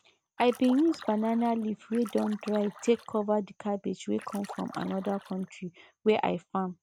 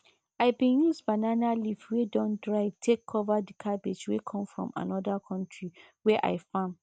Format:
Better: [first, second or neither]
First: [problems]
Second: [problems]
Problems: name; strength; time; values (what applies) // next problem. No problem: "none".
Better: second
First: background sound (Splash, splatter); 18 dB below the speech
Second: none